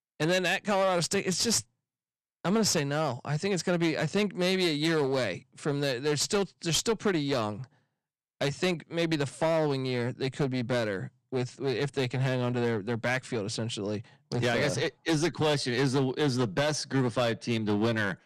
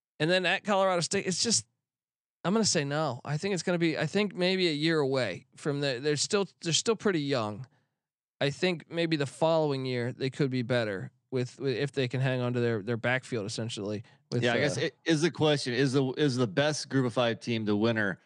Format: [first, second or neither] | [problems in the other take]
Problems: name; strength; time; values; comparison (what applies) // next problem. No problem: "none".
second | distortion; slight; 10% of the sound clipped